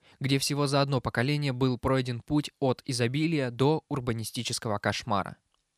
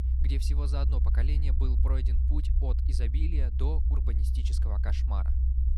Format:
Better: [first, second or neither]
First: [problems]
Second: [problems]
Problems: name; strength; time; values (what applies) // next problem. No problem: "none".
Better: first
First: none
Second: low rumble; loud; throughout; 3 dB below the speech